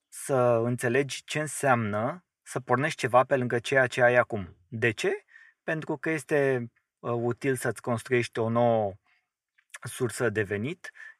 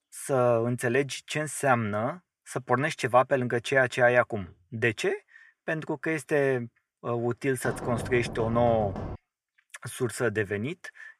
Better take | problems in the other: first | door banging; noticeable; from 7.5 to 9 s; peak 9 dB below the speech

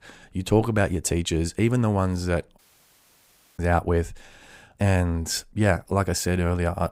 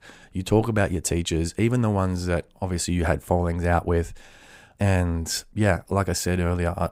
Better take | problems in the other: second | audio cutting out; at 2.5 s for 1 s

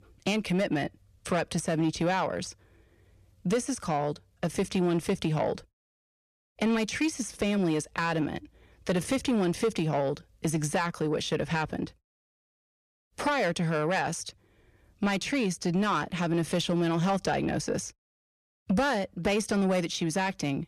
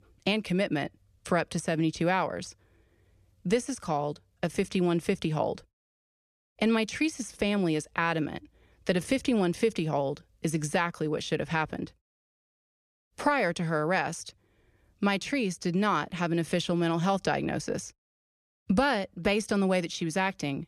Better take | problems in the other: second | distortion; slight; 10 dB below the speech

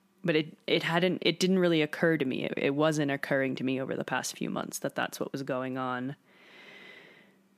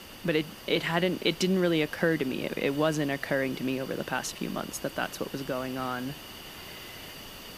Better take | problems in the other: first | hiss; noticeable; throughout; 15 dB below the speech

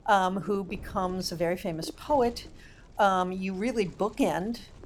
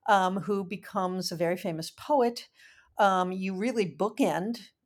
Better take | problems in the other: second | wind noise on the microphone; occasional gusts; 25 dB below the speech

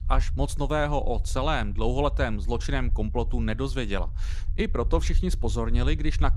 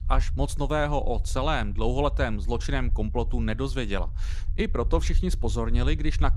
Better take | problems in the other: neither | low rumble; faint; throughout; 20 dB below the speech; the same in both

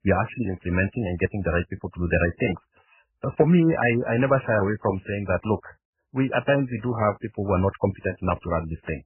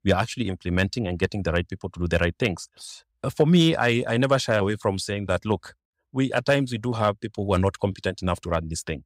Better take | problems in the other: second | garbled, watery; badly; nothing above 3 kHz

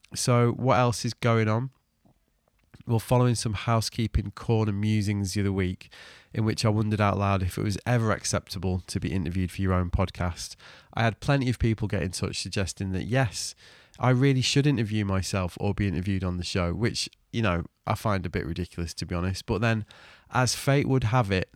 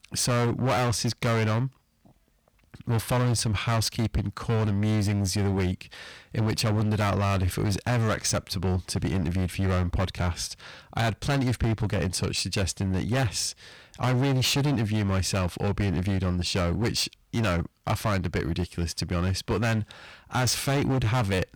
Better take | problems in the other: first | distortion; heavy; 20% of the sound clipped

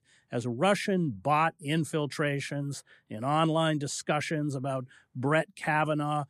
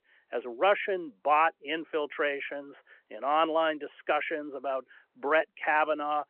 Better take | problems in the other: first | phone-call audio

